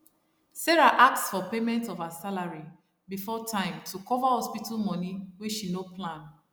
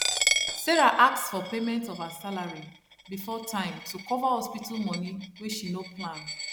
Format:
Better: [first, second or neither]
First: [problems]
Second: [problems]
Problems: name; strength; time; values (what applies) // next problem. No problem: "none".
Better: first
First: none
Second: background sound (Coin (dropping)); 6 dB below the speech